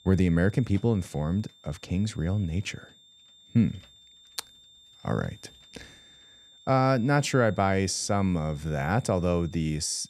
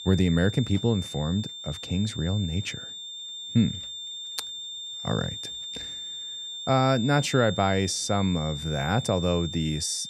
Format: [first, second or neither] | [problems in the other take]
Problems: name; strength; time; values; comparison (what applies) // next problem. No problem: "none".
first | high-pitched whine; loud; throughout; 3.5 kHz, 9 dB below the speech; faint in the first